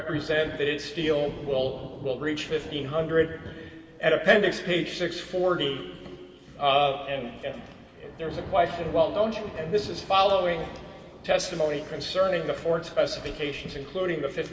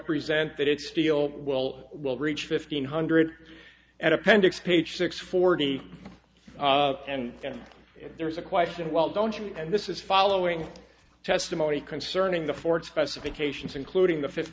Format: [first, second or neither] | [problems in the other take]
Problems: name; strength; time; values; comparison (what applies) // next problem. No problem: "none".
second | background sound (Thunder / Rain); 17 dB below the speech // room echo; dies away in 2.3 s